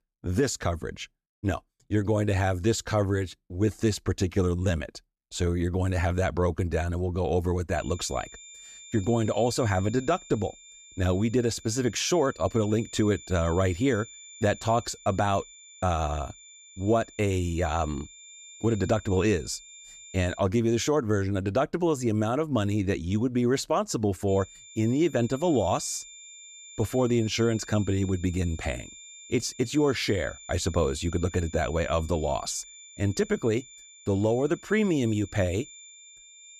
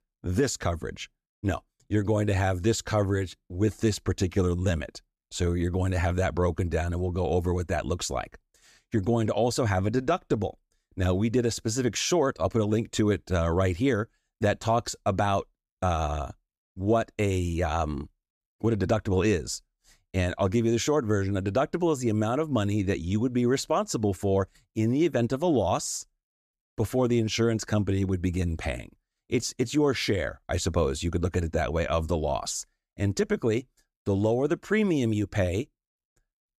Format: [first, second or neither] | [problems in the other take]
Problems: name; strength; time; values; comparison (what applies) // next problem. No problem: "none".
second | high-pitched whine; noticeable; from 7.5 to 20 s and from 24 s on; 7 kHz, 20 dB below the speech